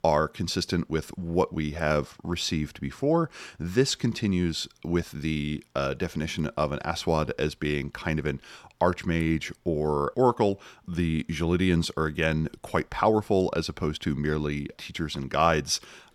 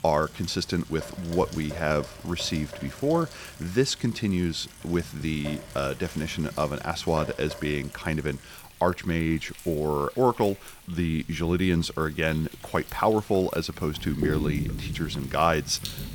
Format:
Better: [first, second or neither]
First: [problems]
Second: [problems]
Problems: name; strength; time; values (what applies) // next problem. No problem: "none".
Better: first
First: none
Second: rain or running water; noticeable; throughout; 10 dB below the speech